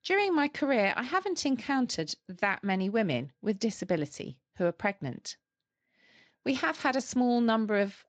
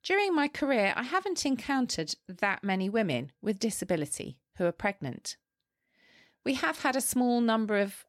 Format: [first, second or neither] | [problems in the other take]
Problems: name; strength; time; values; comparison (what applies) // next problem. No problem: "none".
second | garbled, watery; slightly; nothing above 7.5 kHz